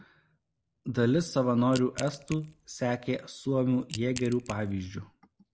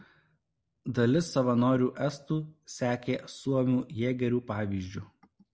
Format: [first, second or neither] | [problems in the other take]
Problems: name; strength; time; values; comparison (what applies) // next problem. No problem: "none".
second | background sound (Crack / Crushing); 15 dB below the speech